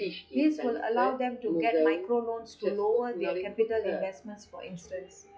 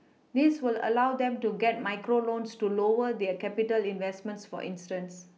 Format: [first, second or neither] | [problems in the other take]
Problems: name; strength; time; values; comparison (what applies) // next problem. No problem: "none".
second | noise reduction (classical method log-MMSE)